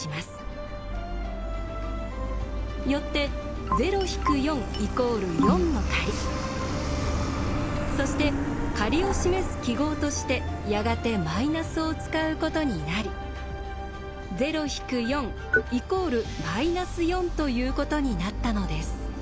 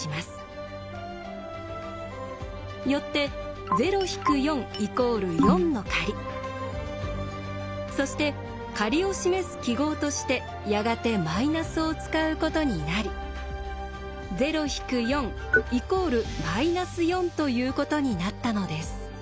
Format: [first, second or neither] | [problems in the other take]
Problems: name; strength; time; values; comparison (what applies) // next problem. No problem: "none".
second | background sound (Truck); 4 dB below the speech